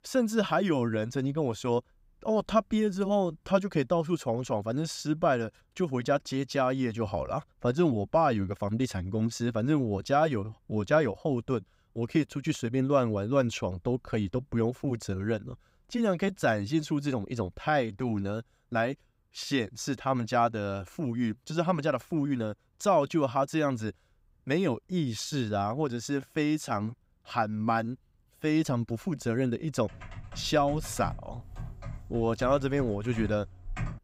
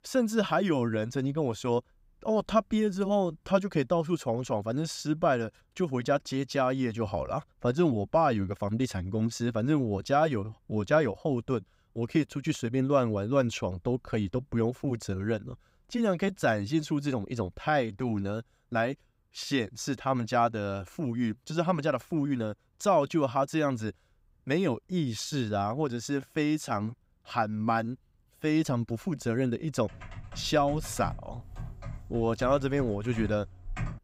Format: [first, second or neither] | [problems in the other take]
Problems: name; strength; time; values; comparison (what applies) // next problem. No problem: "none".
neither | keyboard typing; noticeable; from 30 s on; peak 8 dB below the speech; the same in both